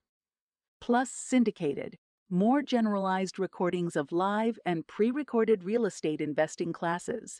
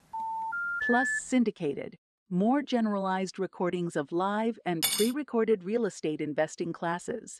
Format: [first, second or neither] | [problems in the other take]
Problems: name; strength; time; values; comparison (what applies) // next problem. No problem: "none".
first | phone ringing; loud; until 1 s; peak 2 dB above the speech // clattering dishes; loud; at 5 s; peak 2 dB above the speech